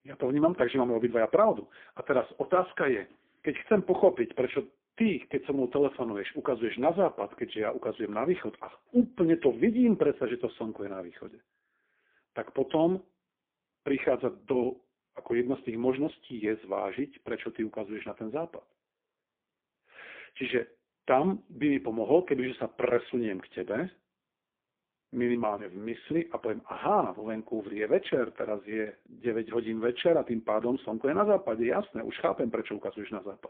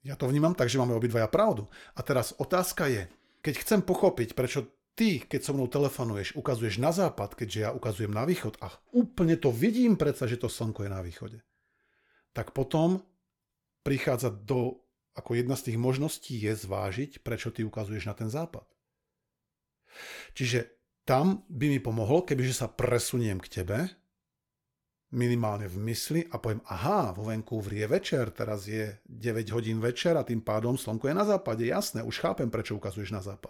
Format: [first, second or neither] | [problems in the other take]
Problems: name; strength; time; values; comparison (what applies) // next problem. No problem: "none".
second | phone-call audio; poor line